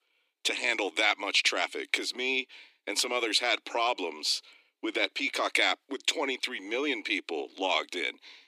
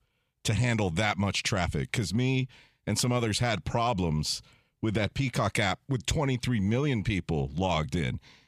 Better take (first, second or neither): second